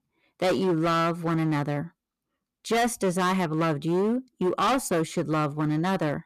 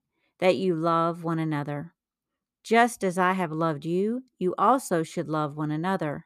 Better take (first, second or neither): second